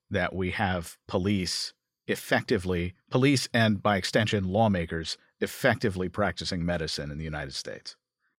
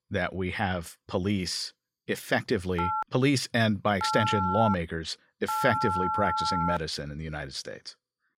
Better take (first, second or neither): first